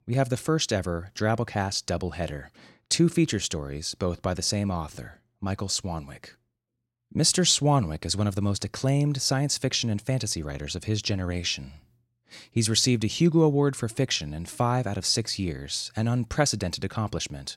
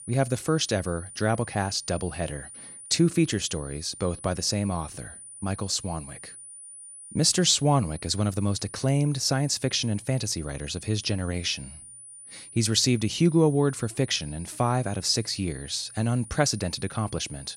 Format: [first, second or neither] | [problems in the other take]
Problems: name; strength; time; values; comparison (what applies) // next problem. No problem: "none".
first | high-pitched whine; noticeable; throughout; 9.5 kHz, 15 dB below the speech